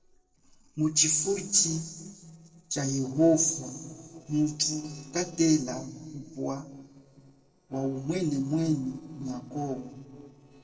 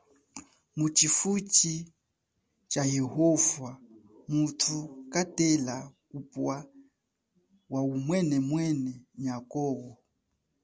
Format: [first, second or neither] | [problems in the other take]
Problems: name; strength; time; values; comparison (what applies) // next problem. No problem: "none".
second | noise reduction (neural separator model SepFormer DNS4)